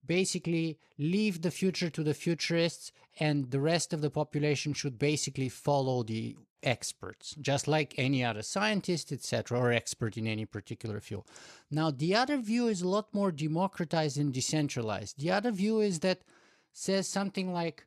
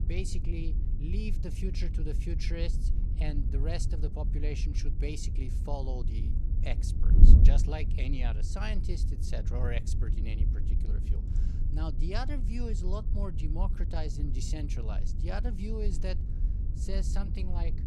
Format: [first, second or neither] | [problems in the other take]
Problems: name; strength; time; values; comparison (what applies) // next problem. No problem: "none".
first | wind noise on the microphone; heavy; 6 dB below the speech